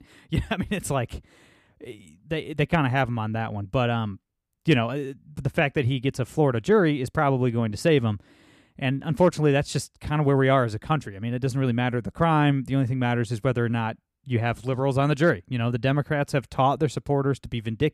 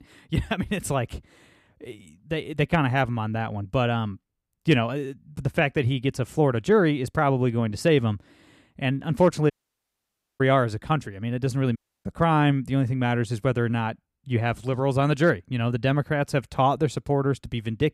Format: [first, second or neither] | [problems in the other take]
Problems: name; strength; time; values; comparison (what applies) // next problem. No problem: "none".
first | audio cutting out; at 9.5 s for 1 s and at 12 s